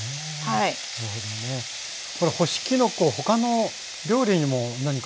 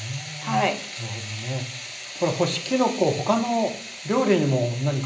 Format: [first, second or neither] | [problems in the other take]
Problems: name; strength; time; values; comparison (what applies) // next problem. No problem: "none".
first | room echo; dies away in 0.5 s